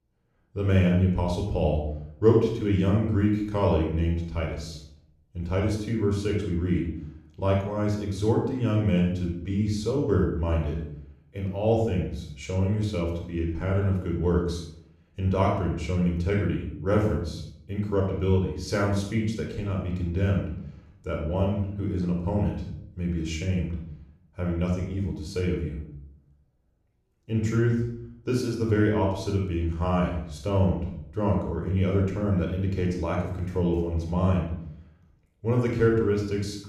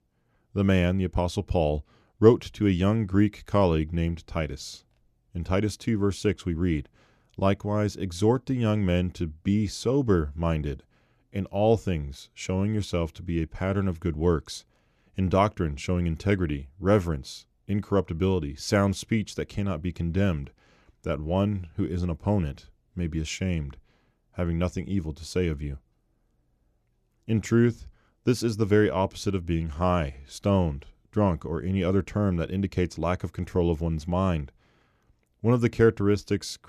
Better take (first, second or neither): second